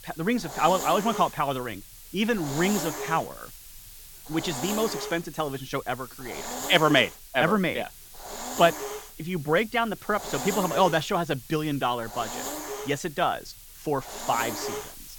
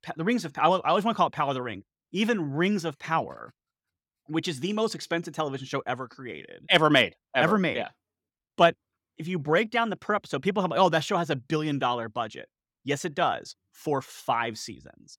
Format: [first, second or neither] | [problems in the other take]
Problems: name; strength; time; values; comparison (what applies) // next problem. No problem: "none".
second | hiss; noticeable; throughout; 10 dB below the speech